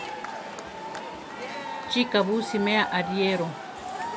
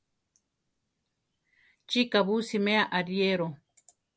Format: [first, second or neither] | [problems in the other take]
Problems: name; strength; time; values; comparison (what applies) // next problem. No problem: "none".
second | background sound (Crowd / Cheering); 6 dB below the speech